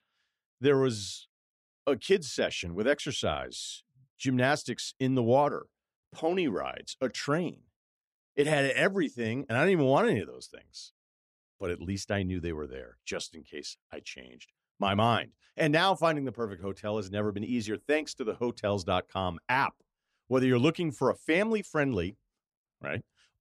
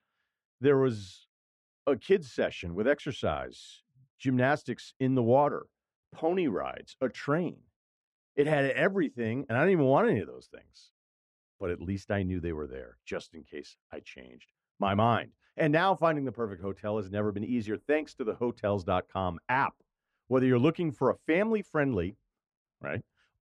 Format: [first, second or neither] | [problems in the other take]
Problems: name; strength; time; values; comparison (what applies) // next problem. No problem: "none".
first | muffled; slightly; fading above 3 kHz